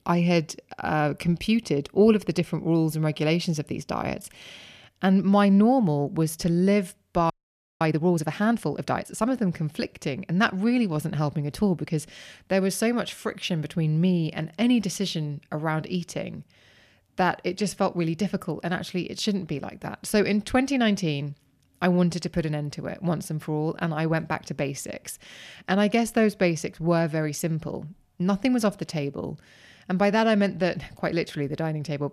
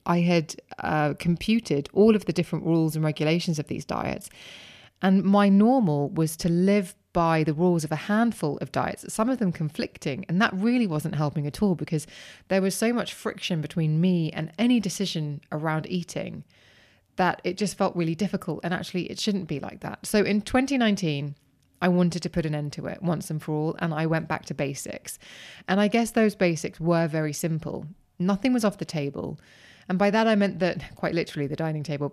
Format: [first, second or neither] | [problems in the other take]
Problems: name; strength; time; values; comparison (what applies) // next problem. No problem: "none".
second | audio freezing; at 7.5 s for 0.5 s